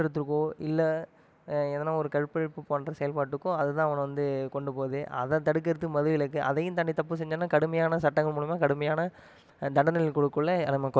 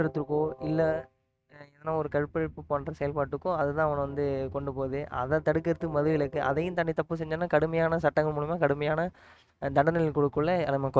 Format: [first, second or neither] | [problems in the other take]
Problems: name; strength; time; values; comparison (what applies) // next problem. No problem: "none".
first | noise reduction (neural mask model RNNoise)